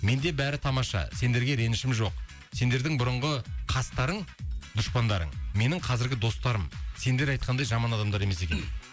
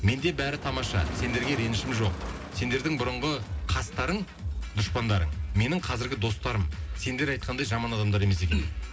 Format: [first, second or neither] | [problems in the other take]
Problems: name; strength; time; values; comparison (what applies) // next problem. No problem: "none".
first | background sound (Motor vehicle (road)); 14 dB below the speech // room echo; dies away in 0.3 s